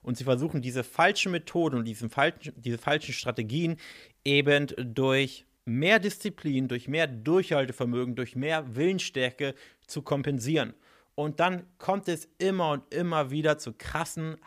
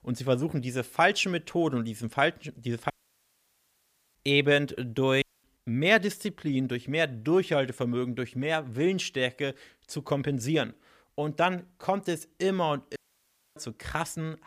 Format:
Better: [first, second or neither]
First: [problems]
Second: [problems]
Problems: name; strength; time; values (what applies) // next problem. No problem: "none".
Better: first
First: none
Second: audio cutting out; at 3 s for 1.5 s, at 5 s and at 13 s for 0.5 s